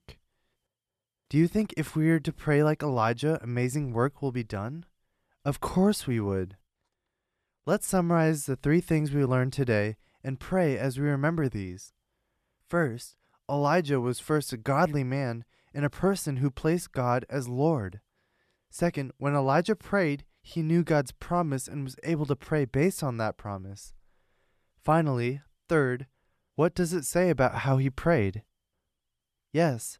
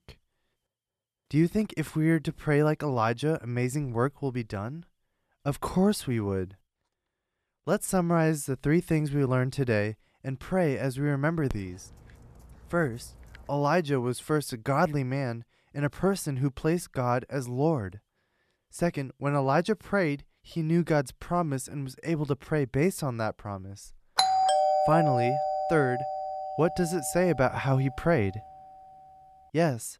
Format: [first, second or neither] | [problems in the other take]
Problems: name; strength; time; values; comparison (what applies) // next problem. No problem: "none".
first | dog barking; faint; from 12 to 13 s; peak 15 dB below the speech // doorbell; loud; from 24 to 27 s; peak 5 dB above the speech